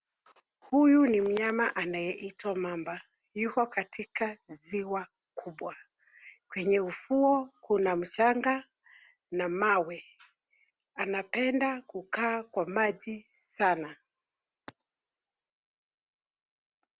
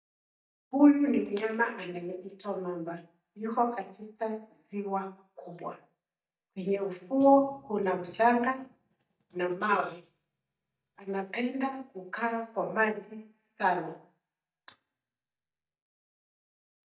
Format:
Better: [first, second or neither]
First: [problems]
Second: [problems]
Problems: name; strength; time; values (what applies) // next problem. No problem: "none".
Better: first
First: none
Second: noise reduction (neural mask model DeepFilterNet 3)